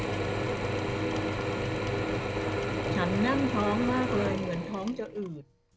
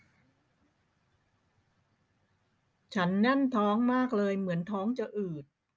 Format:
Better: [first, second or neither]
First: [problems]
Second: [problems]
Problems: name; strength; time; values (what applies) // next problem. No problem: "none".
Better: second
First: background sound (Drill / Mechanisms); 2 dB above the speech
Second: none